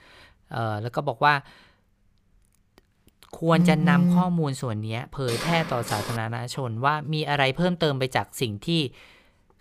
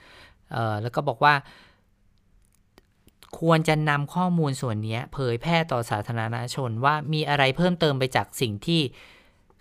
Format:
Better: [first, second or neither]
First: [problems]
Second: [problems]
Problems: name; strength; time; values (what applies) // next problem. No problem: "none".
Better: second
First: phone ringing; loud; at 3.5 s; peak 5 dB above the speech // footsteps; noticeable; at 5.5 s; peak 5 dB below the speech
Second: none